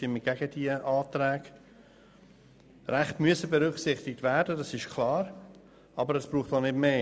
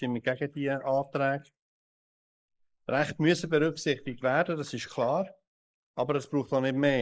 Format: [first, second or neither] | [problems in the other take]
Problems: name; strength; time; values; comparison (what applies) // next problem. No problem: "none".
first | noise reduction (neural mask model Resemble Enhance denoiser)